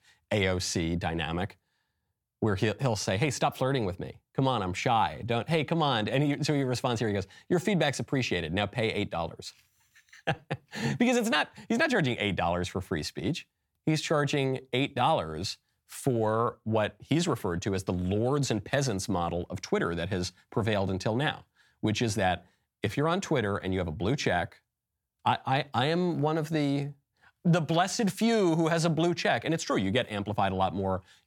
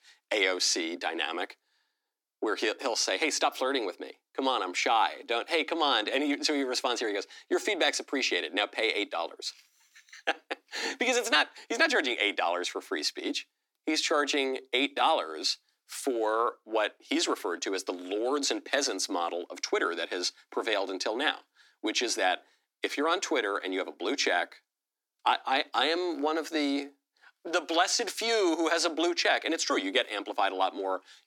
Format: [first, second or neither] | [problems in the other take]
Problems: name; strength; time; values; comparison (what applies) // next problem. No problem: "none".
first | thin; somewhat; fading below 250 Hz